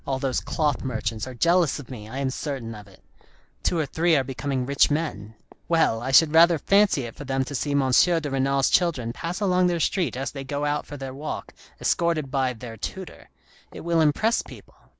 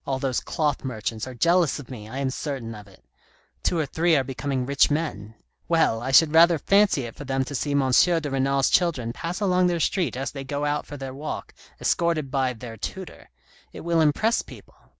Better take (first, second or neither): second